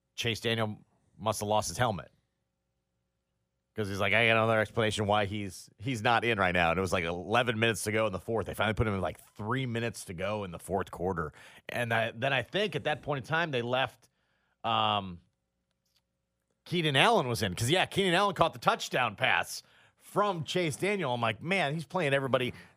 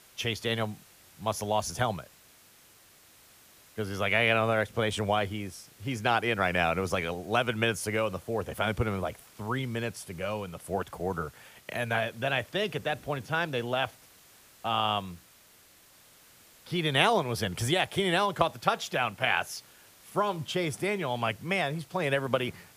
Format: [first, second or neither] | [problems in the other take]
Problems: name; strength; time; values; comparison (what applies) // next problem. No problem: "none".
first | hiss; faint; throughout; 25 dB below the speech